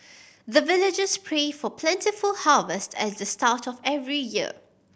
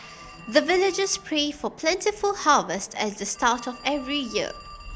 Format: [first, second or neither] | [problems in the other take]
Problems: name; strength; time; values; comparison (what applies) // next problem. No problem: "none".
first | background sound (Telephone); 18 dB below the speech